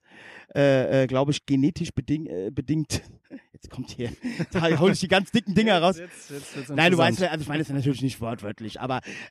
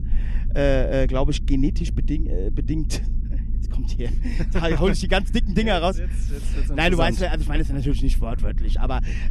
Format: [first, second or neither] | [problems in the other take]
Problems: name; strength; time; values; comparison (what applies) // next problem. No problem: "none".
first | low rumble; noticeable; throughout; 20 dB below the speech